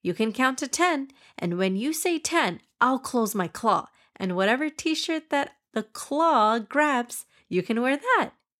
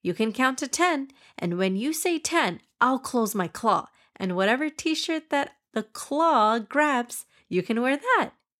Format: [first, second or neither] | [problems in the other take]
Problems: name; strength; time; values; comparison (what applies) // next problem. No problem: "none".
neither | none